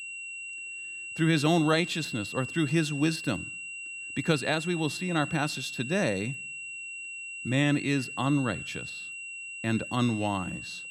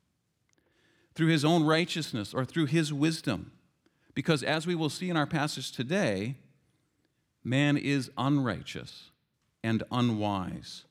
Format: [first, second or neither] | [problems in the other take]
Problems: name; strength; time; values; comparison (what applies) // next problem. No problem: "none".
second | high-pitched whine; loud; throughout; 2.5 kHz, 8 dB below the speech